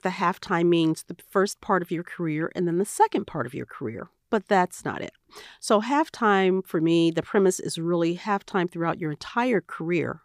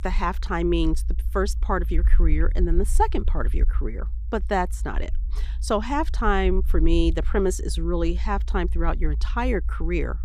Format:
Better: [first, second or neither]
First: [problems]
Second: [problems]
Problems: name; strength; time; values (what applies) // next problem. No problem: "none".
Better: first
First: none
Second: low rumble; faint; throughout; 25 dB below the speech